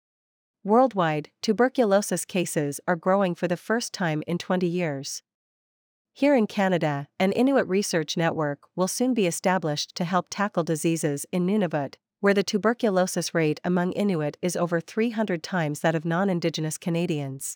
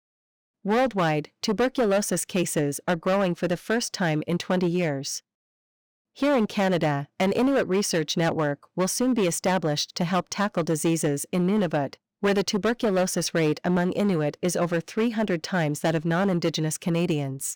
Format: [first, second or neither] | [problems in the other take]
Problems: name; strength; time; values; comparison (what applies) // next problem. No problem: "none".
first | distortion; slight; 10% of the sound clipped